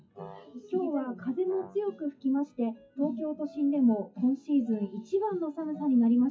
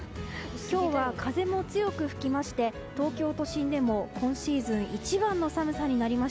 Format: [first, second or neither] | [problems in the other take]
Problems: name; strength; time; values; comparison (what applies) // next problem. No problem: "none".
second | noise reduction (classical method WPE with log-MMSE)